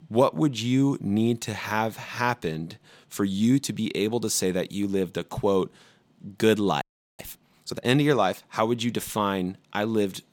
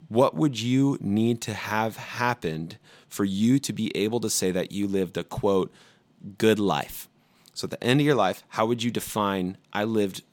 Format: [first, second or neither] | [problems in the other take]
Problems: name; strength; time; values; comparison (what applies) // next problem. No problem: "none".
second | audio freezing; at 7 s